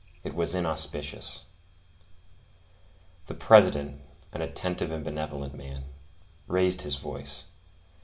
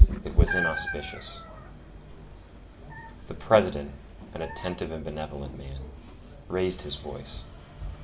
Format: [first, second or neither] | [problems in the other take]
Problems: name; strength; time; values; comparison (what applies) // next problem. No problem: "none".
first | background sound (Meow); 3 dB above the speech